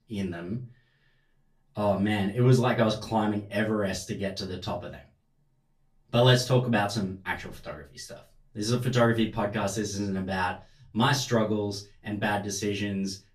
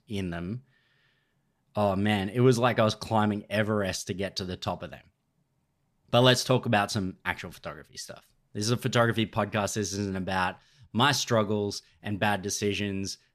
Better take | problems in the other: second | off-mic speech; far // room echo; very slight; dies away in 0.2 s

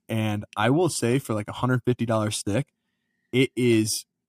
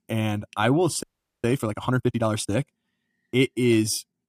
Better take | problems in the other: first | audio freezing; at 1 s

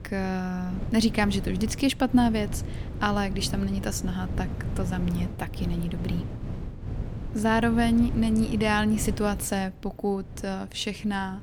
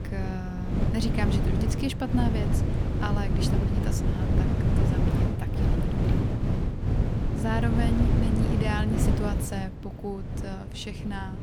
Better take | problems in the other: first | wind noise on the microphone; heavy; as loud as the speech; occasional gusts in the first

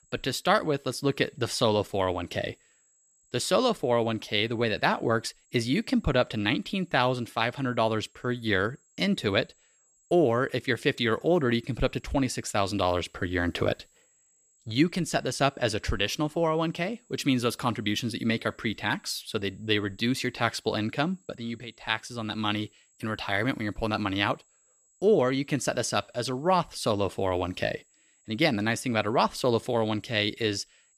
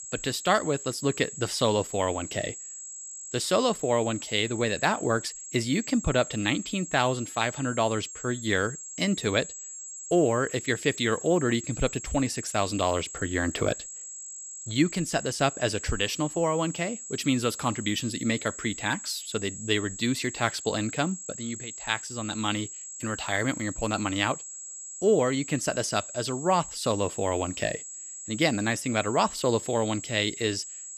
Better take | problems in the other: first | high-pitched whine; loud; throughout; 7.5 kHz, 10 dB below the speech; faint in the first

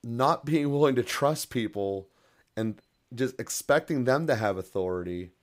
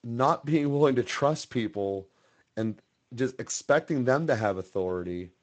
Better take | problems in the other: first | garbled, watery; slightly; nothing above 7.5 kHz

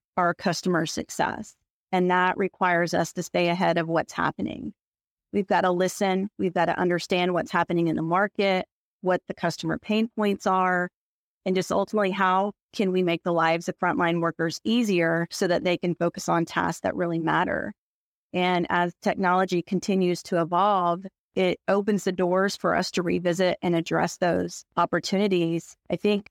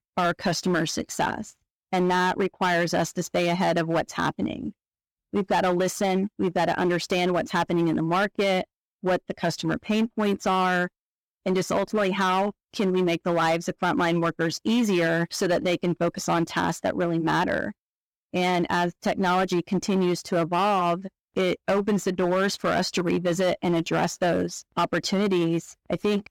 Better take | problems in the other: first | distortion; slight; 11% of the sound clipped

